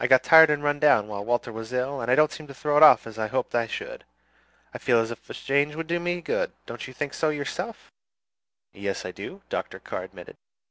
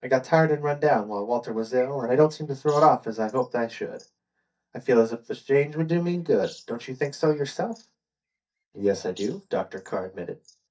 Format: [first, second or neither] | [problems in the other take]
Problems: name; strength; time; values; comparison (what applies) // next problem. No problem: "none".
first | noise reduction (neural mask model DeepFilterNet 3)